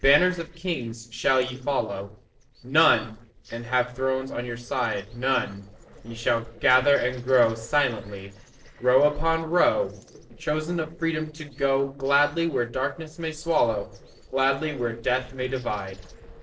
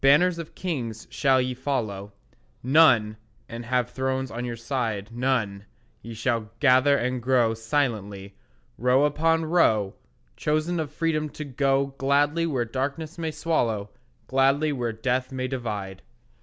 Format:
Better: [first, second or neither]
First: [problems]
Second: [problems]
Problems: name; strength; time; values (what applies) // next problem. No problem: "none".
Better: second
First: noise reduction (neural separator model SepFormer DNS4)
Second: none